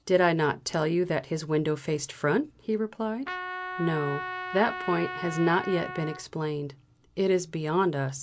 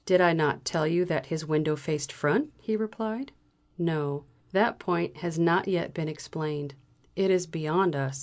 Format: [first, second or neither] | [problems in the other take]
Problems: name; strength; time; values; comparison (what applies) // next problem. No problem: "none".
second | background sound (Trumpet); 8 dB below the speech